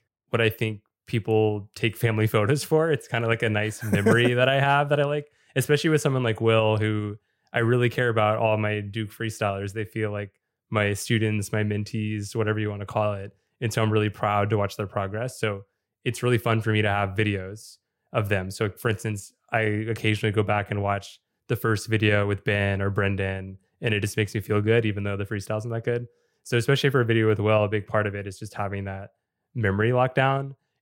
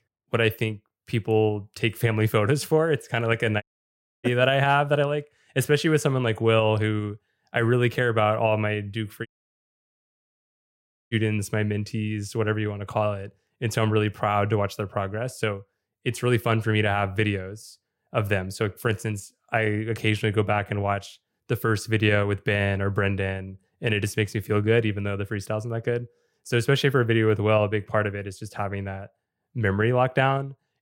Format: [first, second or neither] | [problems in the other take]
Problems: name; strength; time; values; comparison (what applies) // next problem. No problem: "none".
first | audio cutting out; at 3.5 s for 0.5 s and at 9.5 s for 2 s